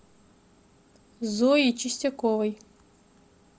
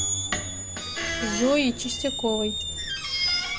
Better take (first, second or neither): first